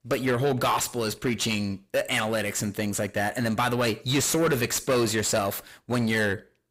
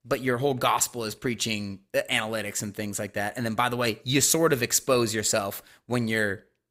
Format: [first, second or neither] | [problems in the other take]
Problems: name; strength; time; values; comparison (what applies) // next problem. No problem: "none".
second | distortion; heavy; 8 dB below the speech